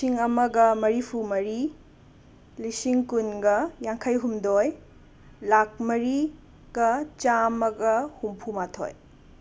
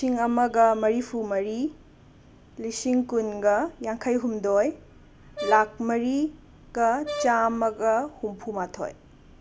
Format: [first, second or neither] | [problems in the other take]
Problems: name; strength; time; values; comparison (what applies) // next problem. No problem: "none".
first | background sound (Brass instrument); 11 dB below the speech